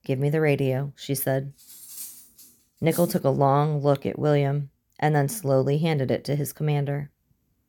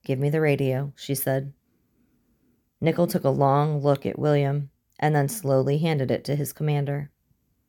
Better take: second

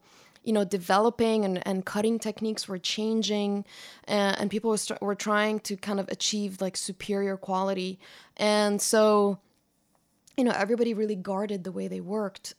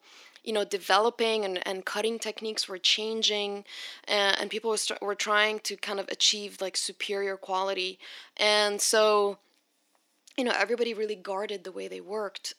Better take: first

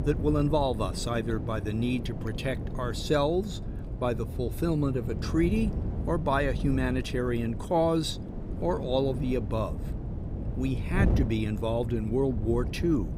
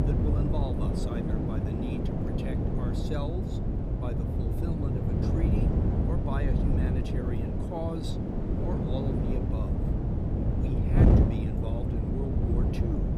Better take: first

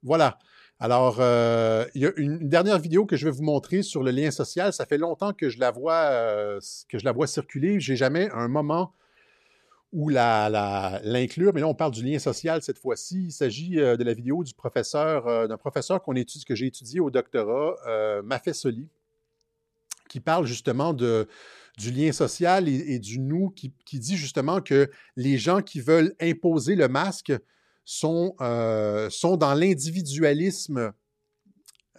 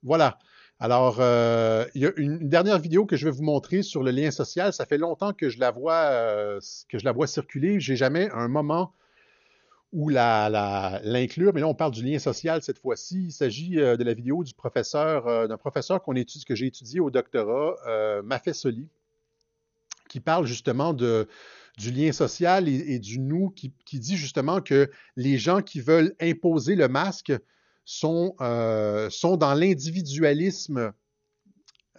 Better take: first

